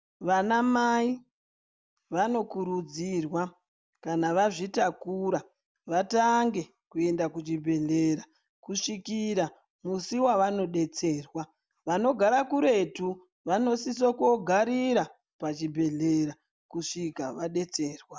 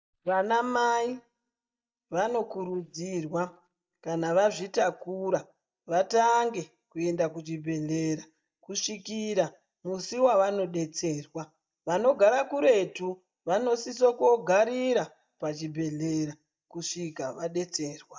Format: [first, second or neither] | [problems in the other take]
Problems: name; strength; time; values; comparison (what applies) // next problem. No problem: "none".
first | noise reduction (neural mask model DeepFilterNet 3)